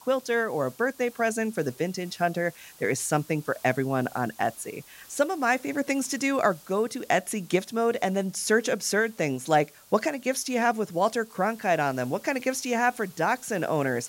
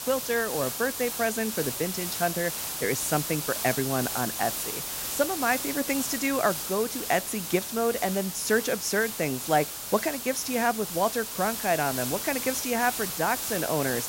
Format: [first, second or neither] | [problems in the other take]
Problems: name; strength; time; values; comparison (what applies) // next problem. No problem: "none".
first | hiss; loud; throughout; 3 dB below the speech; faint in the first